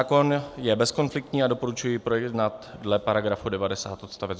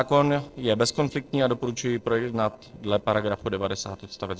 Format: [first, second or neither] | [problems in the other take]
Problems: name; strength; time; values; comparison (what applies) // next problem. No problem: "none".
first | noise reduction (neural separator model SepFormer DNS4)